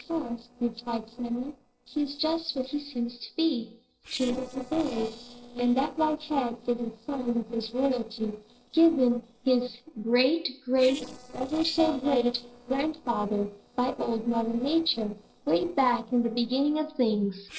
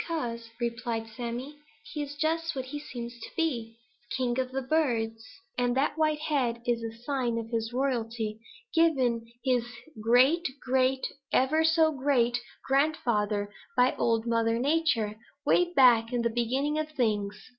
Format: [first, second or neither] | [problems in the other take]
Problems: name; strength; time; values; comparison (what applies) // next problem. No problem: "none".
second | noise reduction (neural separator model SepFormer DNS4)